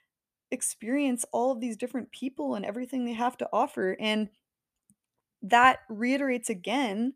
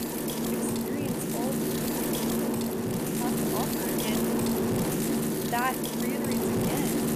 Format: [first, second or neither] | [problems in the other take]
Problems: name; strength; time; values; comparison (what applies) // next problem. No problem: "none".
first | wind noise on the microphone; heavy; 5 dB above the speech